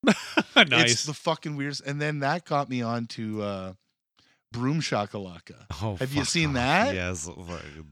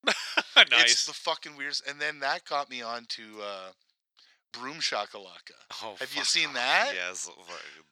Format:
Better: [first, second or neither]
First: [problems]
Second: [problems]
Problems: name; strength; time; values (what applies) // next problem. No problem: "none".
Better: first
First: none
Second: thin; very; fading below 600 Hz